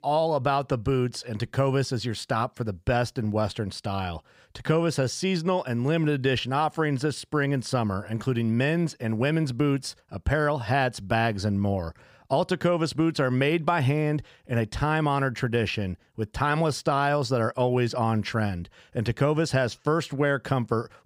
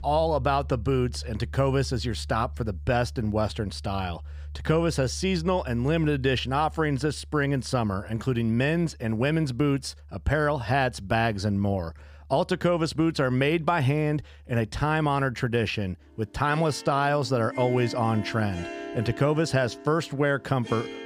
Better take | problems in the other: first | background music; noticeable; throughout; 15 dB below the speech

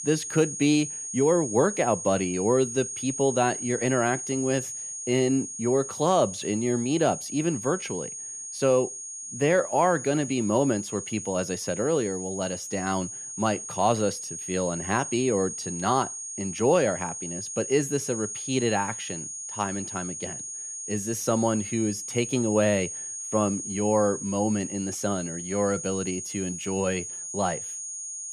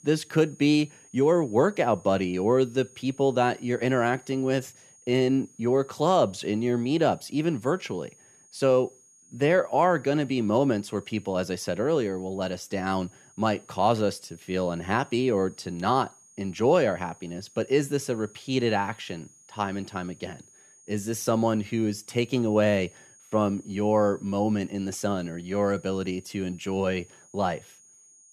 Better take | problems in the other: second | high-pitched whine; loud; throughout; 6.5 kHz, 7 dB below the speech; faint in the second

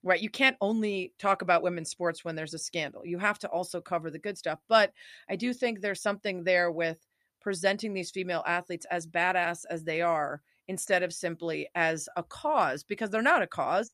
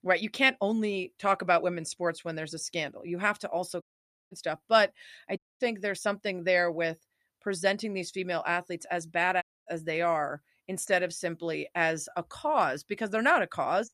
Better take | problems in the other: first | audio cutting out; at 4 s, at 5.5 s and at 9.5 s

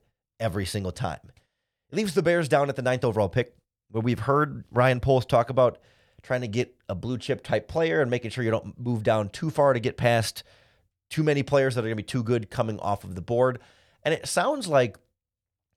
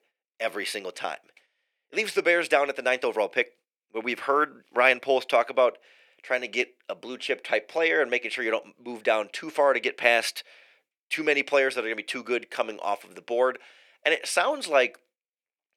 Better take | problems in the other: first | thin; somewhat; fading below 300 Hz

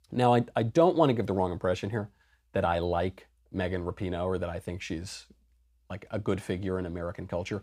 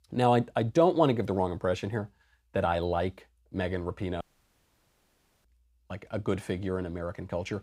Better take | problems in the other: first | audio cutting out; at 4 s for 1 s

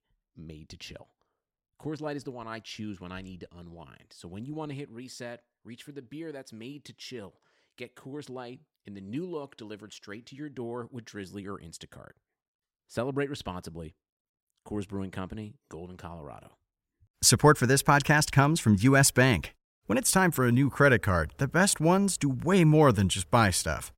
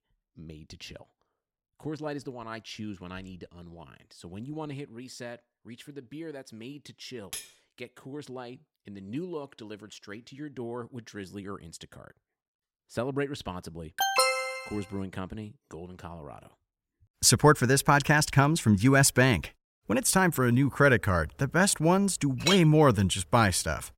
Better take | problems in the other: first | clattering dishes; faint; at 7.5 s; peak 15 dB below the speech // alarm; loud; at 14 s; peak 1 dB above the speech // clattering dishes; noticeable; at 22 s; peak 3 dB below the speech

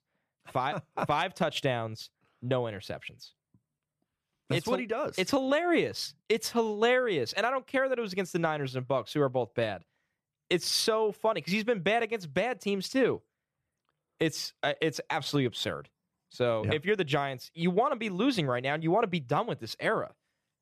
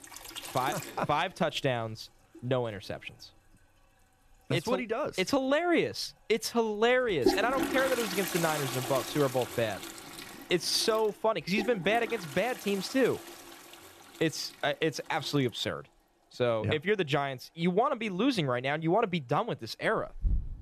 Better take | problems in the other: first | household noises; loud; throughout; 7 dB below the speech

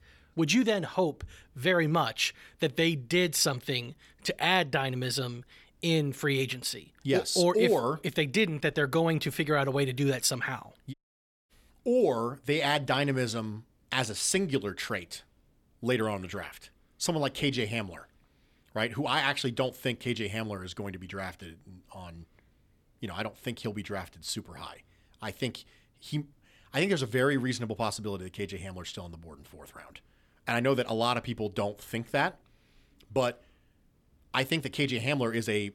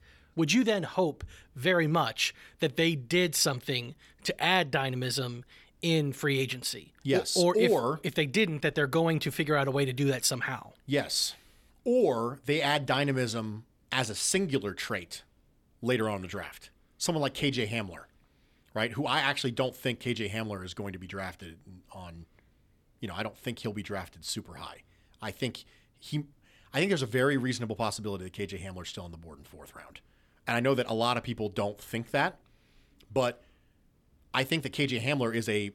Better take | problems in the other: second | audio cutting out; at 11 s for 0.5 s

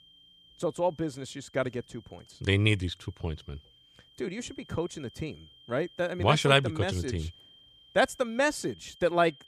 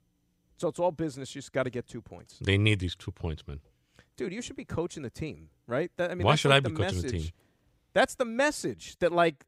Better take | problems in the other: second | high-pitched whine; faint; throughout; 3 kHz, 25 dB below the speech

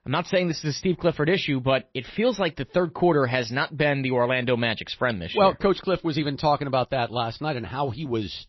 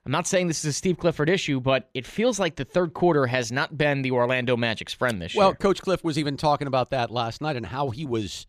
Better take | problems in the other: second | garbled, watery; slightly; nothing above 6 kHz

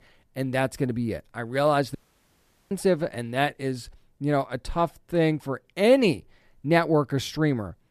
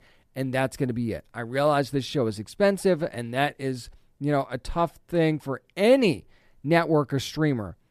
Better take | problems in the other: second | audio cutting out; at 2 s for 1 s

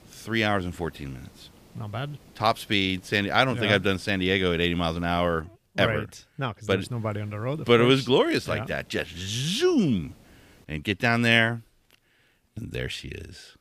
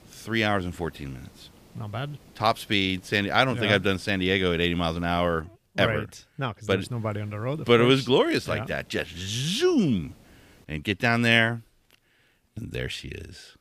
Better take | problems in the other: neither | hiss; faint; until 5.5 s and from 7 to 11 s; 30 dB below the speech; the same in both

